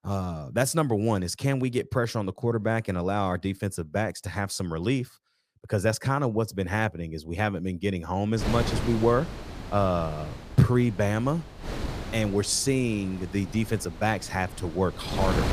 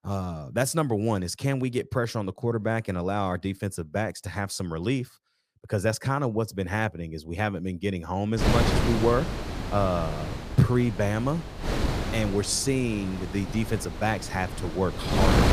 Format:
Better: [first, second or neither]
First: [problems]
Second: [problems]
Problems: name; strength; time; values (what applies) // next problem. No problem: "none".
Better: first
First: wind noise on the microphone; occasional gusts; from 8.5 s on; 10 dB below the speech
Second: wind noise on the microphone; heavy; from 8.5 s on; 4 dB below the speech